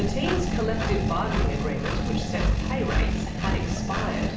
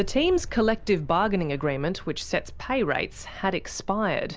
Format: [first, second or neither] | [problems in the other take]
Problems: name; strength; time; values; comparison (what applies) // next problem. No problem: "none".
second | background sound (Engine); 5 dB above the speech // room echo; dies away in 0.7 s